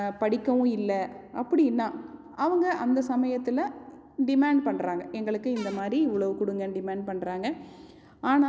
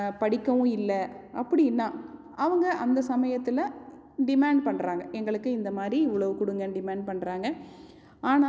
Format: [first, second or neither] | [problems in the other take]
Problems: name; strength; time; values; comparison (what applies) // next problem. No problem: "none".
second | background sound (Cupboard open or close / Door); 18 dB below the speech